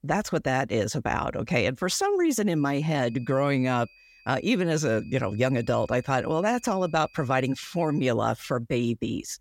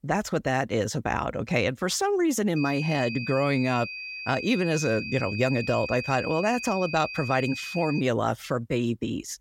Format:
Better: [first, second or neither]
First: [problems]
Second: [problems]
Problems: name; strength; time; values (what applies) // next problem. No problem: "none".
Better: first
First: high-pitched whine; faint; from 2.5 to 8 s; 2.5 kHz, 25 dB below the speech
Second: high-pitched whine; loud; from 2.5 to 8 s; 2.5 kHz, 8 dB below the speech